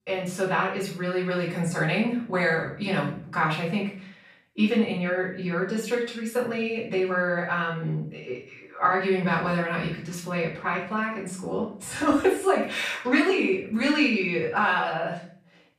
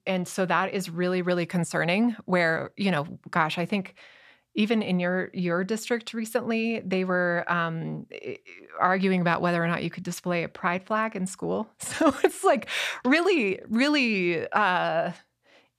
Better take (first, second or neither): second